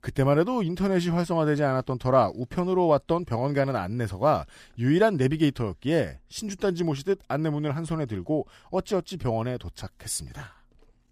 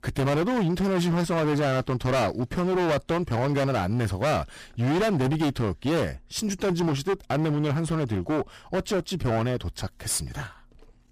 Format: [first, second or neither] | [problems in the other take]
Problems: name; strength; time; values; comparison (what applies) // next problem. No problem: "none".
first | distortion; heavy; 28% of the sound clipped